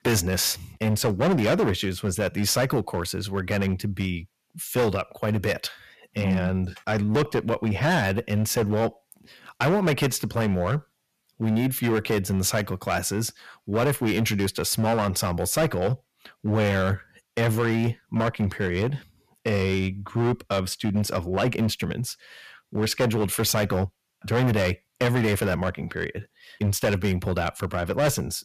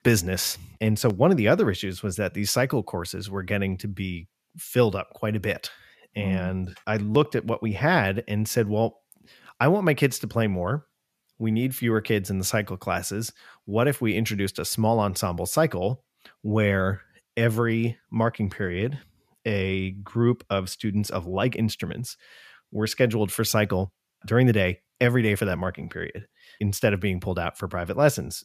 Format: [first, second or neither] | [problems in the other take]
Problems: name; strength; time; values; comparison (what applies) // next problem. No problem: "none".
second | distortion; heavy; 10% of the sound clipped